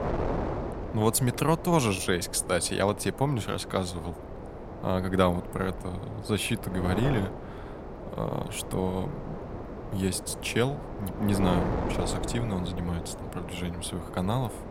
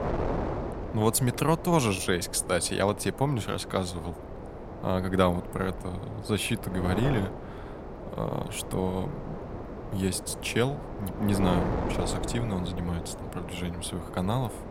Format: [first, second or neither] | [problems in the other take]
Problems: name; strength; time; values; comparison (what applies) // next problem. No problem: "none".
neither | wind noise on the microphone; heavy; 7 dB below the speech; the same in both